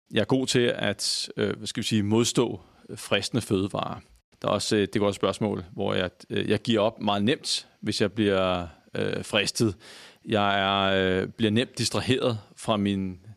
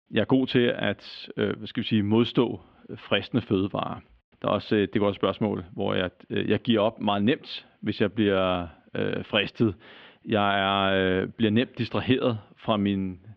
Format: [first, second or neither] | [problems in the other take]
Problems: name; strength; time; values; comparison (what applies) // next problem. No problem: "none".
first | muffled; very; fading above 3 kHz